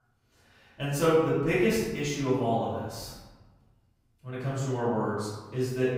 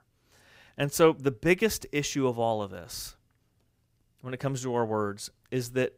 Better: second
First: room echo; strong; dies away in 1.2 s // off-mic speech; far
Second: none

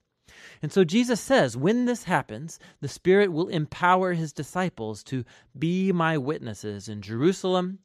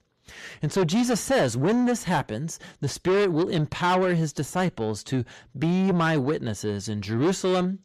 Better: first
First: none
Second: distortion; heavy; 7 dB below the speech

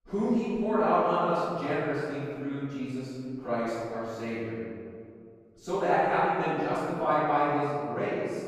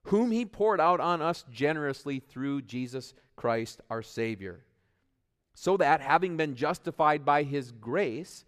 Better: second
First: room echo; strong; dies away in 2.2 s // off-mic speech; far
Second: none

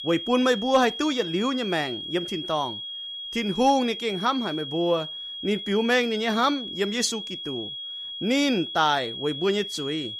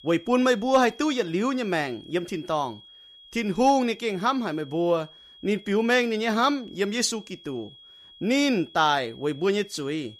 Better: second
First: high-pitched whine; loud; throughout; 3.5 kHz, 7 dB below the speech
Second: high-pitched whine; faint; throughout; 3.5 kHz, 25 dB below the speech

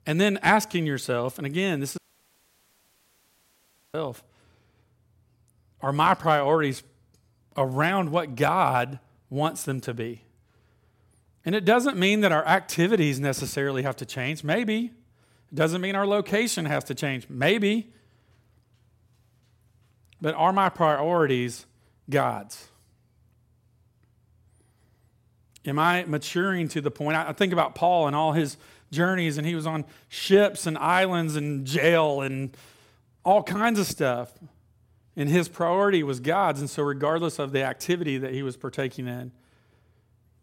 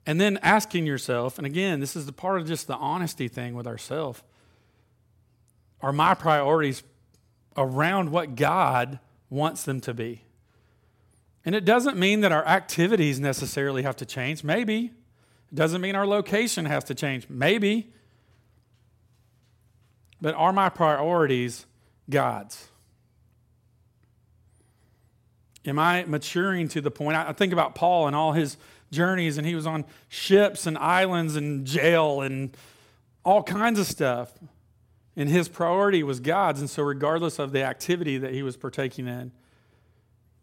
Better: second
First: audio cutting out; at 2 s for 2 s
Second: none

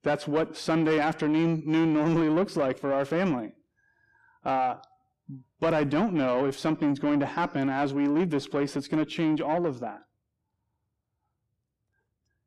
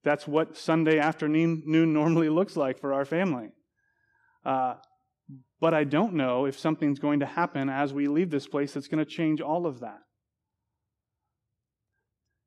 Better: second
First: distortion; slight; 10 dB below the speech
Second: none

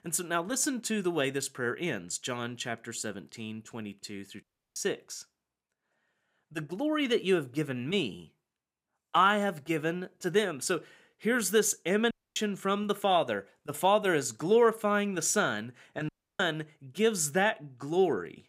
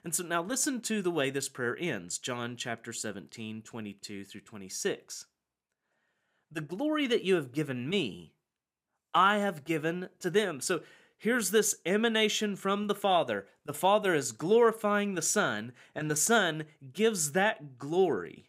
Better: second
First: audio cutting out; at 4.5 s, at 12 s and at 16 s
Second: none

